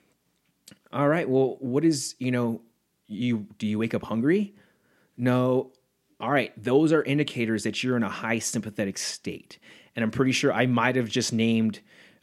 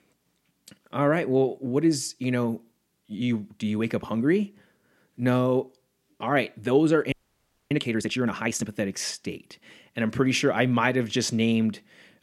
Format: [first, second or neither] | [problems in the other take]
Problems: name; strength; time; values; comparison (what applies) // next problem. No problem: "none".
first | audio freezing; at 7 s for 0.5 s